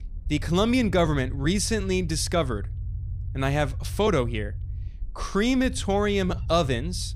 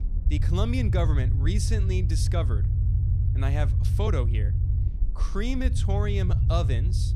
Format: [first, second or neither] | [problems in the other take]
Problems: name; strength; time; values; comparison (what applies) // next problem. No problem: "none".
first | low rumble; loud; throughout; 7 dB below the speech; faint in the first